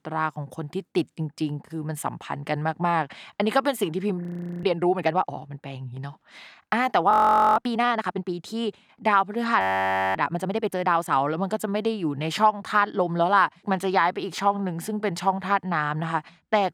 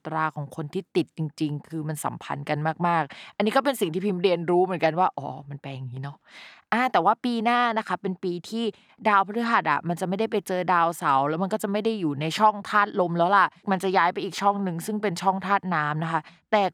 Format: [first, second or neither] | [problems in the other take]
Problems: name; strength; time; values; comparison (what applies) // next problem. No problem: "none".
second | audio freezing; at 4 s, at 7 s and at 9.5 s for 0.5 s